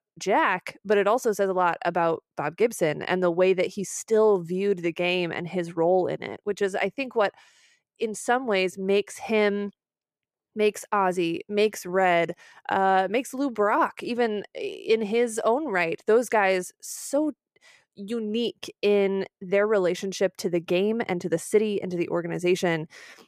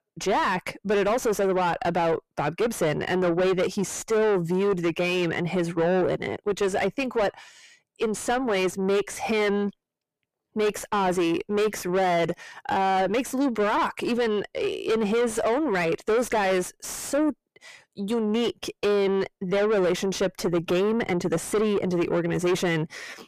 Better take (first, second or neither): first